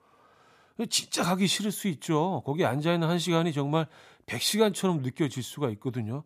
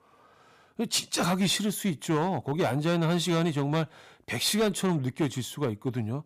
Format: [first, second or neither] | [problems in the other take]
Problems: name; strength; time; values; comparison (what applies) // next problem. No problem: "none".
first | distortion; slight; 7% of the sound clipped